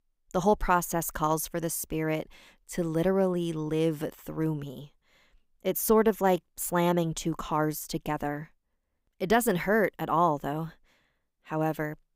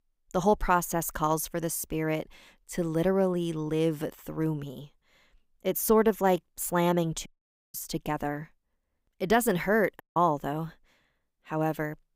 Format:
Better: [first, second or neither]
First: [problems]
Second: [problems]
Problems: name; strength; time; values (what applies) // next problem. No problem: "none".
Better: first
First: none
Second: audio cutting out; at 7.5 s and at 10 s